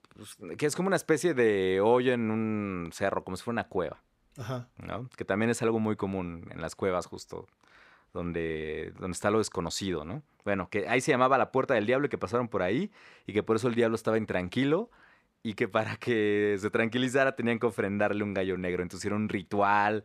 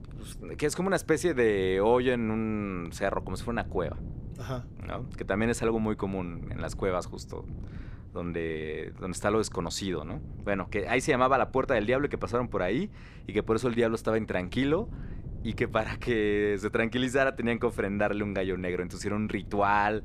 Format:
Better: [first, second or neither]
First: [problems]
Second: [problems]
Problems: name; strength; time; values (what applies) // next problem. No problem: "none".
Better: first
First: none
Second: wind noise on the microphone; occasional gusts; 25 dB below the speech